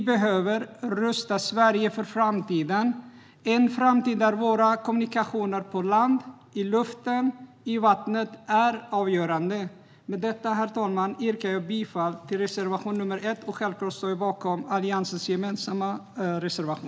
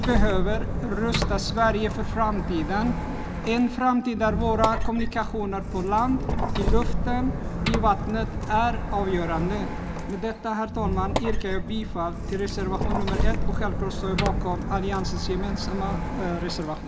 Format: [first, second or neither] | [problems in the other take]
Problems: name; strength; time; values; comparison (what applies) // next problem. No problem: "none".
first | background sound (Squeak); 1 dB above the speech